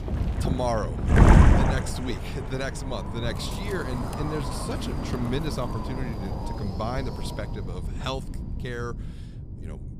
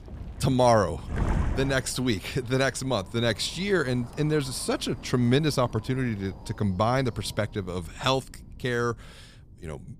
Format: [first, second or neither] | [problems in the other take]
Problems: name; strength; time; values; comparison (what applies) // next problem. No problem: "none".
second | wind noise on the microphone; heavy; 2 dB above the speech; occasional gusts in the second